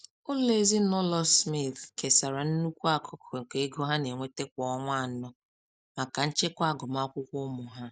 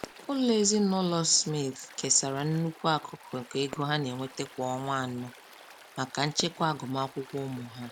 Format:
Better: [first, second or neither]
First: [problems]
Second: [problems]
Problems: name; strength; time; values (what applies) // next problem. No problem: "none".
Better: first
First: none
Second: background sound (Fireworks + Stream); 19 dB below the speech